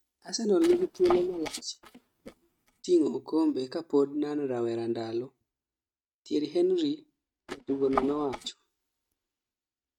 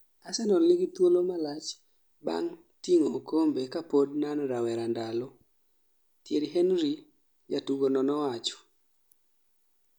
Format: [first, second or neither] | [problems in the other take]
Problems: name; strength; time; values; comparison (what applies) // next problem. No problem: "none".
second | noise reduction (neural mask model RNNoise)